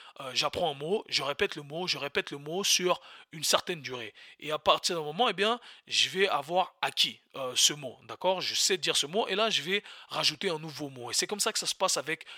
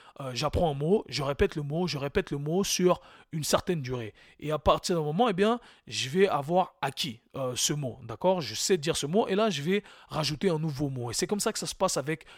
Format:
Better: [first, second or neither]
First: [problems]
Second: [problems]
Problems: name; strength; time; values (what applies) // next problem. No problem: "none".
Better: second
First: thin; somewhat; fading below 700 Hz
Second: none